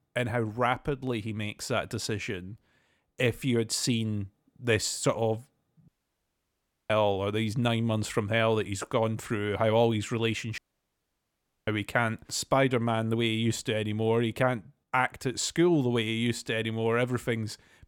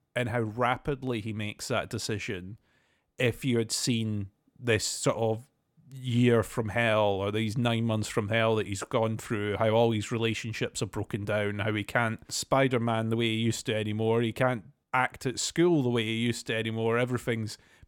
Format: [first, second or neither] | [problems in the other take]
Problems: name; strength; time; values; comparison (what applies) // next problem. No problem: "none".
second | audio cutting out; at 6 s for 1 s and at 11 s for 1 s